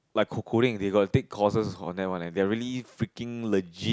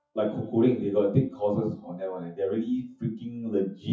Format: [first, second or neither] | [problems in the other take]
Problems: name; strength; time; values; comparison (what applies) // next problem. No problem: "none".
first | noise reduction (classical method WPE with log-MMSE)